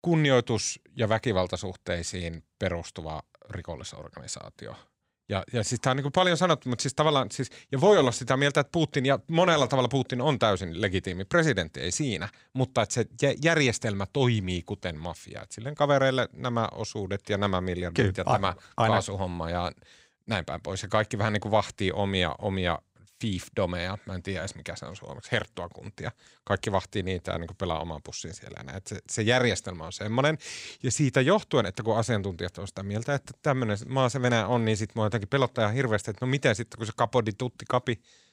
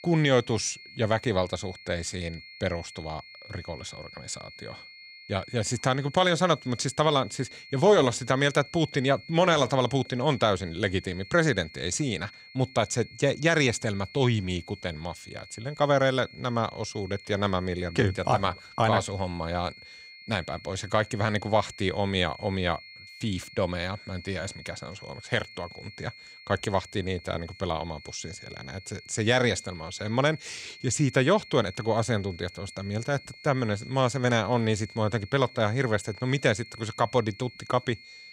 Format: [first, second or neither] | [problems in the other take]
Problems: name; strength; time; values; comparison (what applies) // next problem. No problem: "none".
first | high-pitched whine; noticeable; throughout; 2 kHz, 20 dB below the speech